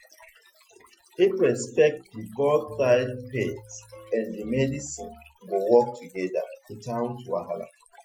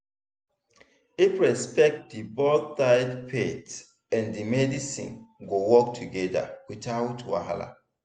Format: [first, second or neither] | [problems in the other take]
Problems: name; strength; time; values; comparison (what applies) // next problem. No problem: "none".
second | noise reduction (classical method Wiener filter)